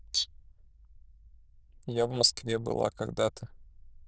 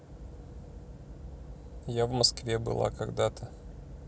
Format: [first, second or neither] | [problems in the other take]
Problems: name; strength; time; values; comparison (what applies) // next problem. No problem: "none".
second | noise reduction (neural diffusion model UNIVERSE++)